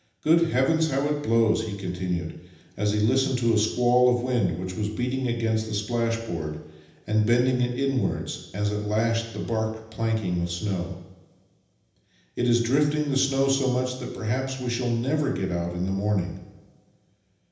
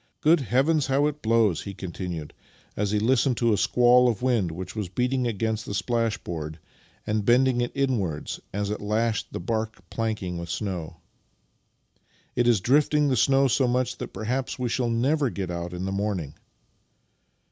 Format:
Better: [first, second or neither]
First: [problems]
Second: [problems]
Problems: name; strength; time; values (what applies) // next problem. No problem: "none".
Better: second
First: room echo; dies away in 0.9 s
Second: none